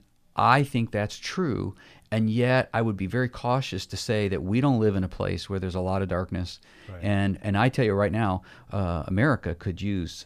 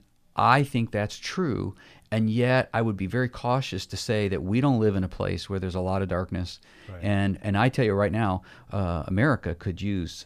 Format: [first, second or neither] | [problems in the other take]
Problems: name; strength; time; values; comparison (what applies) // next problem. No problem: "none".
neither | none